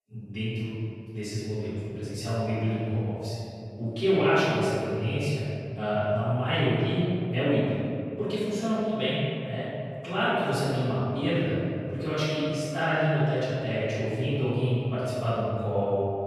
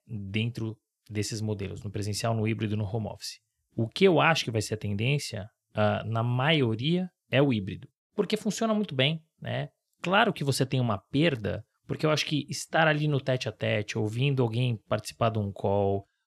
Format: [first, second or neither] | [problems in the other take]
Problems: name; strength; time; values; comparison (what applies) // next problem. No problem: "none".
second | off-mic speech; far // room echo; strong; dies away in 2.6 s